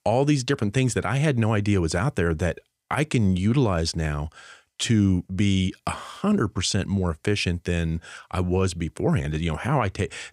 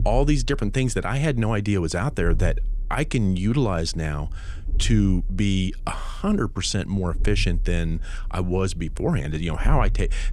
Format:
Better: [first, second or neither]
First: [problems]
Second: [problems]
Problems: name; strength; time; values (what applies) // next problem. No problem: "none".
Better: first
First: none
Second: low rumble; faint; throughout; 25 dB below the speech